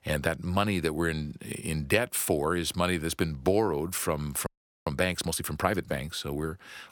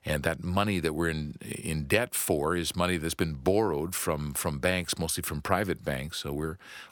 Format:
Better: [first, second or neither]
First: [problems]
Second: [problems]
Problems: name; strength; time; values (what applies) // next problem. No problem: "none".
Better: second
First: audio freezing; at 4.5 s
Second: none